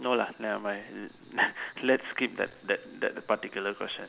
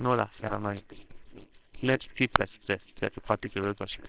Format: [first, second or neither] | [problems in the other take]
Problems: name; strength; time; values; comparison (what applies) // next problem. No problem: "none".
first | noise reduction (neural separator model SepFormer WHAMR!)